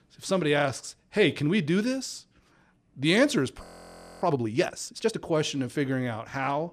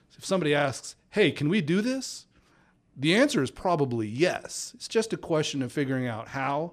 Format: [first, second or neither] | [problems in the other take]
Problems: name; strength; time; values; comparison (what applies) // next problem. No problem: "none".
second | audio freezing; at 3.5 s for 0.5 s